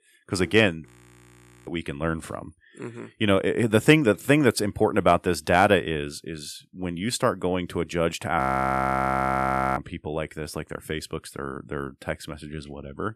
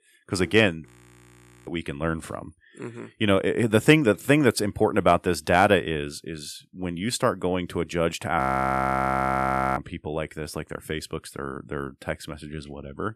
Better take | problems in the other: neither | audio freezing; at 1 s for 1 s and at 8.5 s for 1.5 s; the same in both

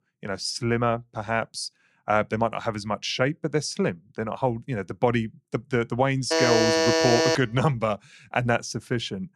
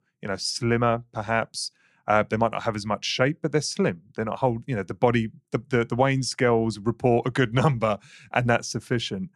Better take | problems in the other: second | alarm; loud; from 6.5 to 7.5 s; peak 6 dB above the speech

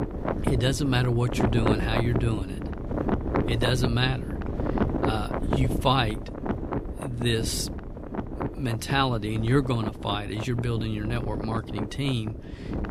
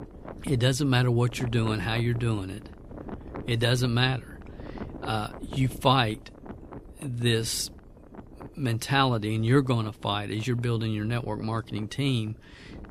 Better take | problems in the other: second | wind noise on the microphone; heavy; 5 dB below the speech; occasional gusts in the second

